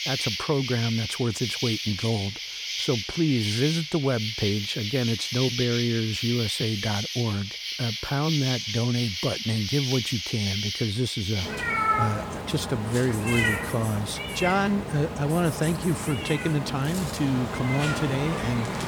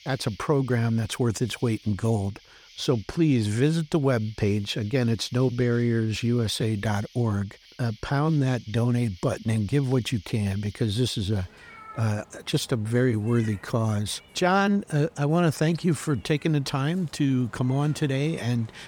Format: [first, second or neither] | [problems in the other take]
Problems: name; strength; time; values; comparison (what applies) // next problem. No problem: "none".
second | animal sounds; loud; throughout; 2 dB below the speech; faint in the second